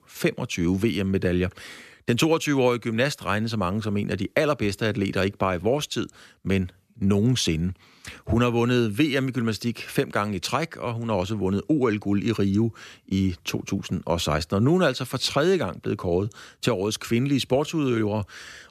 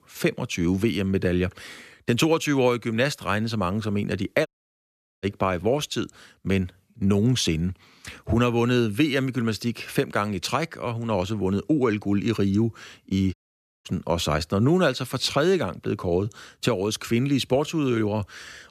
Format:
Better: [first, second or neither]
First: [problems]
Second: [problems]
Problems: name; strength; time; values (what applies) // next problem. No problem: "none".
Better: first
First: none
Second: audio cutting out; at 4.5 s for 1 s and at 13 s for 0.5 s